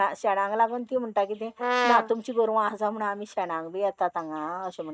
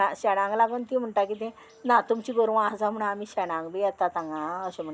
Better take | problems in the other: second | noise reduction (neural mask model RNNoise)

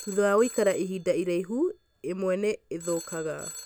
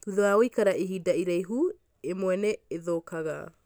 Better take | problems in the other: second | background sound (Telephone); 17 dB below the speech

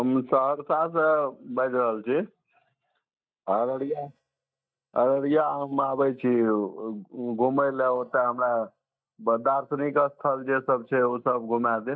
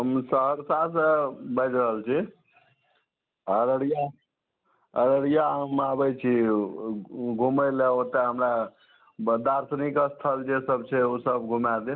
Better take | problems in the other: second | noise reduction (neural mask model DeepFilterNet 3)

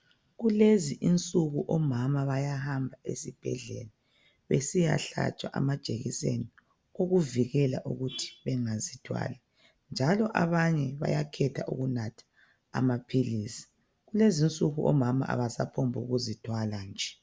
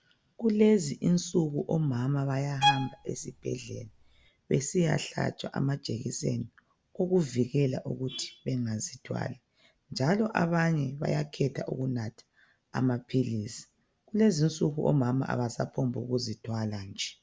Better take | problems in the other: first | background sound (Bowed string instrument); 3 dB below the speech

